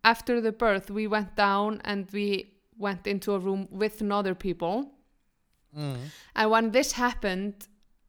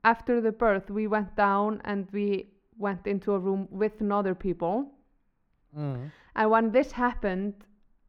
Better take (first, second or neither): first